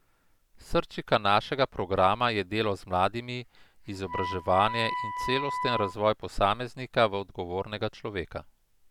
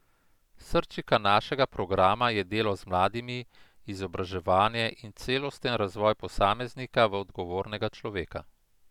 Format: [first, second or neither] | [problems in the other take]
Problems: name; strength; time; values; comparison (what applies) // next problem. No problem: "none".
second | background sound (Wind instrument, woodwind instrument); 7 dB below the speech